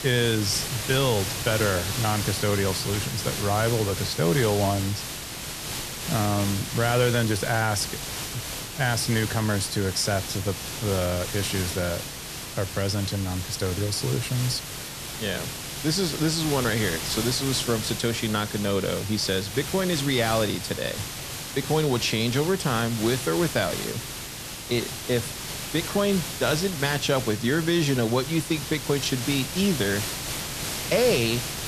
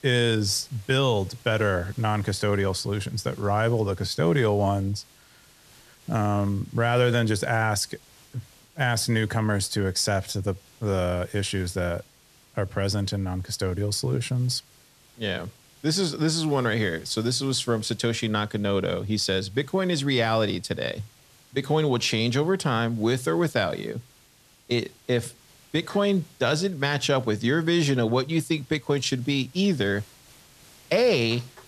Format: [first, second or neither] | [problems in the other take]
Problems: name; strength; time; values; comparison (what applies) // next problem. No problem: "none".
second | hiss; loud; throughout; 5 dB below the speech; faint in the second